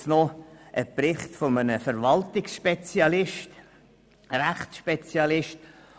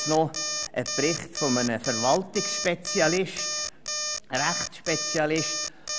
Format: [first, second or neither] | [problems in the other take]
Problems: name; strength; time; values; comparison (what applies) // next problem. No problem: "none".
first | background sound (Alarm); 3 dB below the speech